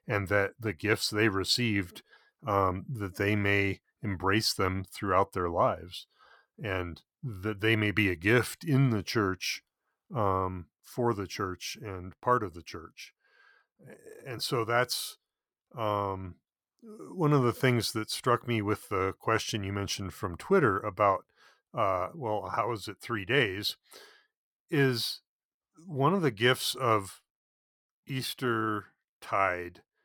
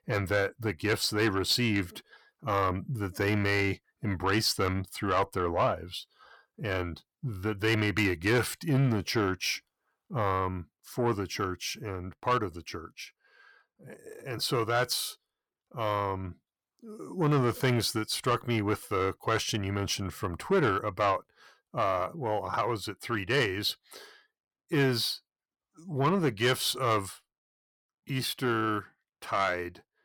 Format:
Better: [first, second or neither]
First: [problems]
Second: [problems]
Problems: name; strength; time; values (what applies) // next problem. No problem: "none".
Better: first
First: none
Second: distortion; slight; 10 dB below the speech